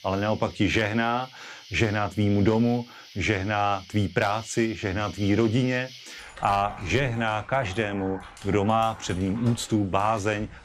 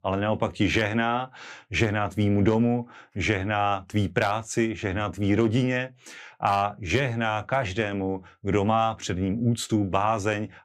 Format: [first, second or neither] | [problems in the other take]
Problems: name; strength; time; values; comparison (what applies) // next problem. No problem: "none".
second | animal sounds; noticeable; throughout; 20 dB below the speech